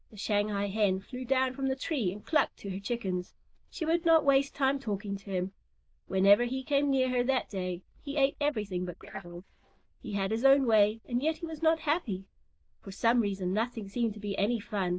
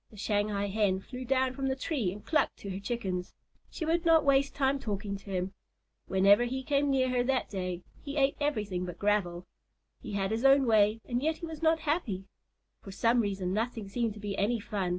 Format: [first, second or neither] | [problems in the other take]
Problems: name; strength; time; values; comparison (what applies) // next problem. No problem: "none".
second | noise reduction (neural diffusion model UNIVERSE++)